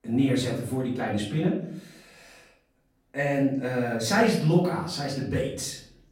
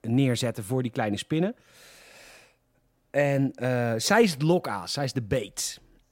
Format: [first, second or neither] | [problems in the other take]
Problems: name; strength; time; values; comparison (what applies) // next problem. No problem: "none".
second | off-mic speech; far // room echo; noticeable; dies away in 0.5 s